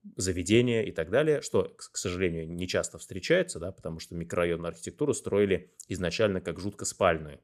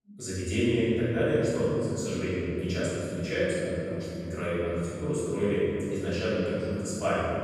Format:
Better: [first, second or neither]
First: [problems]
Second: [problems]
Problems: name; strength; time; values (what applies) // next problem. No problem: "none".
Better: first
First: none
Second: room echo; strong; dies away in 3 s // off-mic speech; far